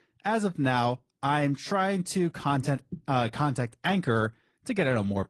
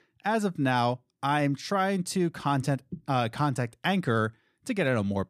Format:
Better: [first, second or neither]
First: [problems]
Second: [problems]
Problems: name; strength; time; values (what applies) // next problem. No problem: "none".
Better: second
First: garbled, watery; slightly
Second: none